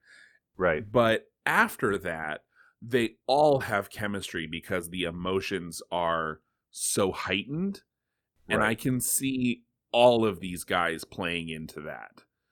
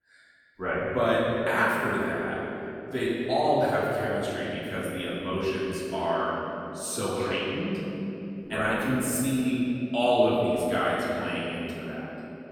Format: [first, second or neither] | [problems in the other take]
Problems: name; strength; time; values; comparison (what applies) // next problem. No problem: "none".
first | room echo; strong; dies away in 3 s // off-mic speech; far